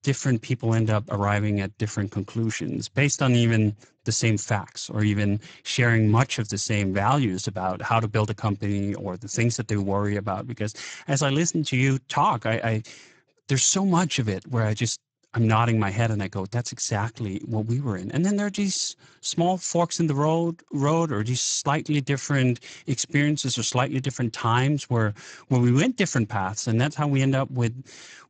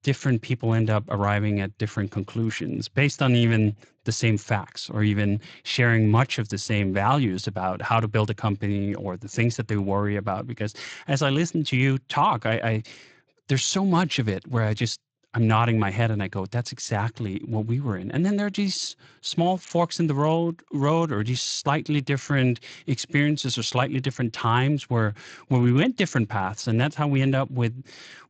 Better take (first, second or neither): second